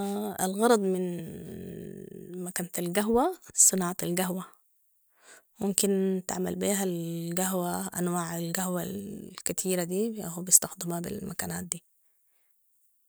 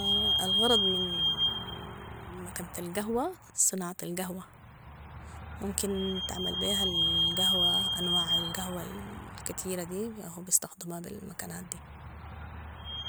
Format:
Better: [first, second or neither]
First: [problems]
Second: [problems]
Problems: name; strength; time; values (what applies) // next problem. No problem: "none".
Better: first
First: none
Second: background sound (Squeak / Vehicle); 3 dB above the speech